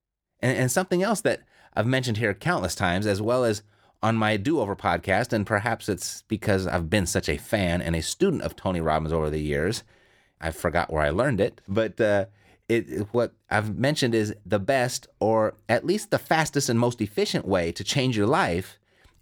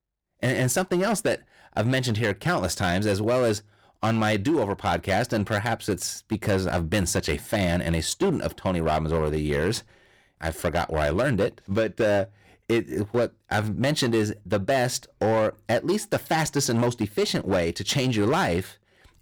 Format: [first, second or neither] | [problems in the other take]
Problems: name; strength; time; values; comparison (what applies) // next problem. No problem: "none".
first | distortion; slight; 8% of the sound clipped